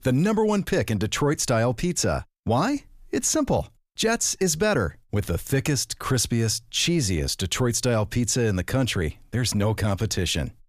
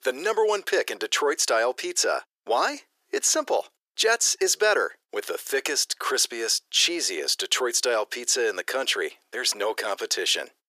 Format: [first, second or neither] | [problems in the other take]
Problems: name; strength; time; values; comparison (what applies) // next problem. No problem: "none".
first | thin; very; fading below 400 Hz